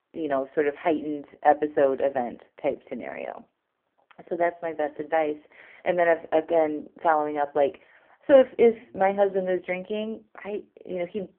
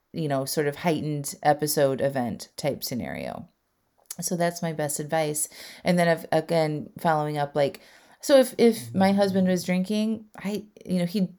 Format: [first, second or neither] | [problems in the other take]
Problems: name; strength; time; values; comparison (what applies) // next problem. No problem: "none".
second | phone-call audio; poor line